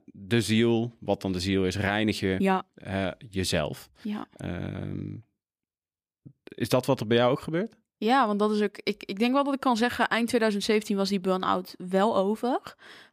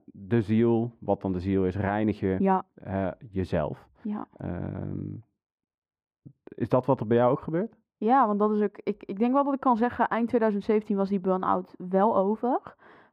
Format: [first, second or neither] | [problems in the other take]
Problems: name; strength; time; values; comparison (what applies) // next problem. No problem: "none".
first | muffled; very; fading above 2.5 kHz